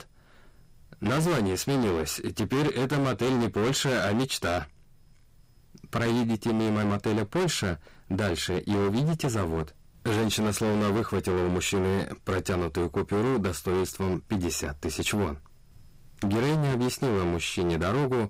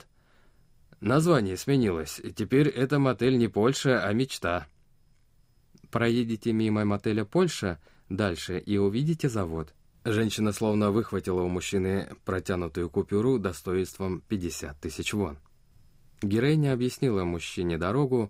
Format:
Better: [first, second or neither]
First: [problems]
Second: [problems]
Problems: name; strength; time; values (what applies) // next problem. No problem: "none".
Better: second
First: distortion; heavy; 25% of the sound clipped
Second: none